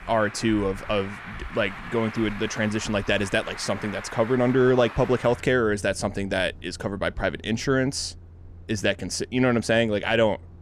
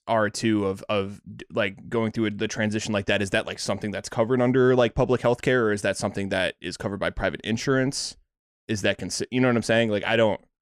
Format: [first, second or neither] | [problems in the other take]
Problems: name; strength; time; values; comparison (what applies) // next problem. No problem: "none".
second | traffic noise; noticeable; throughout; 15 dB below the speech